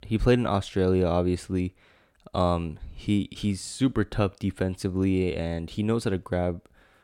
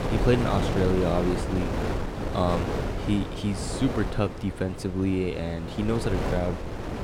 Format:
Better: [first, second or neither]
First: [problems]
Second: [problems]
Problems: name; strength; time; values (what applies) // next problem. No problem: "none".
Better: first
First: none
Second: wind noise on the microphone; heavy; 3 dB below the speech